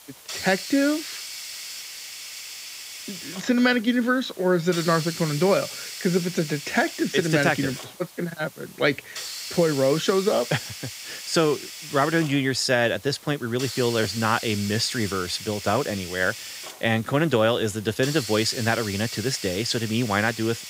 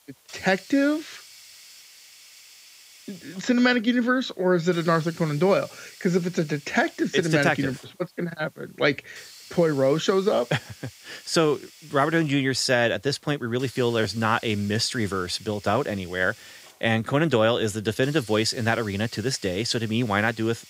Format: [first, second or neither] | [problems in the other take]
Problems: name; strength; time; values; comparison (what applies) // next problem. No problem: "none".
second | hiss; loud; throughout; 10 dB below the speech; faint in the second